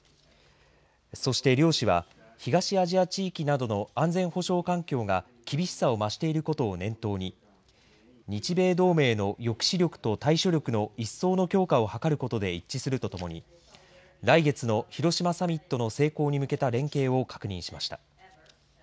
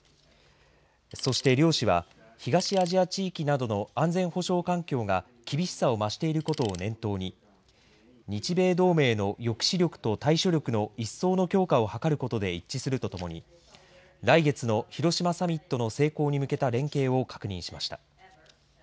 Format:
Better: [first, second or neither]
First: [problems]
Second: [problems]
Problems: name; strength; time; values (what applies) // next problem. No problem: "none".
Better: first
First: none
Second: background sound (Tools); 19 dB below the speech